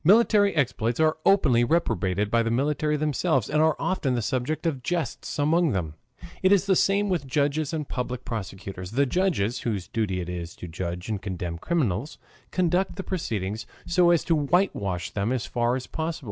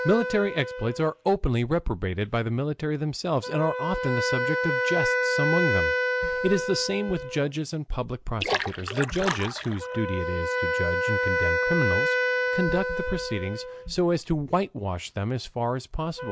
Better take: first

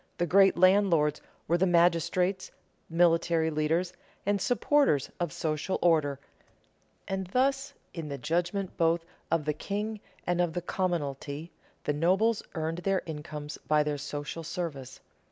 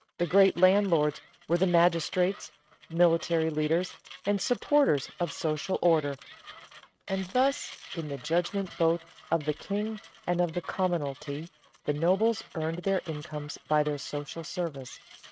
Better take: first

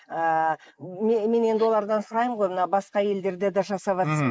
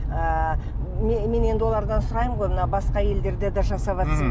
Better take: second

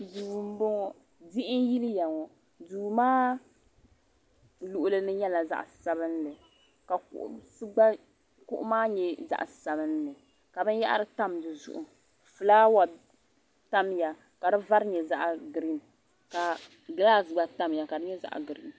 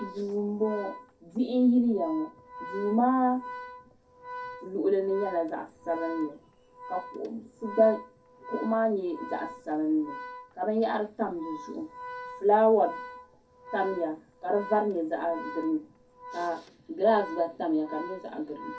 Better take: first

